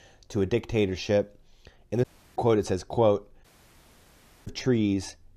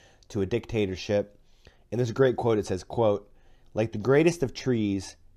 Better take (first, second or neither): second